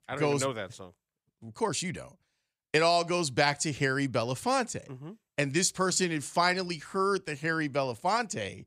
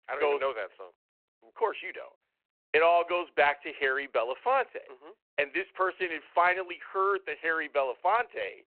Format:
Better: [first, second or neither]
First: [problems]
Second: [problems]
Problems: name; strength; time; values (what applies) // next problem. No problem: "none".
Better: first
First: none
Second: phone-call audio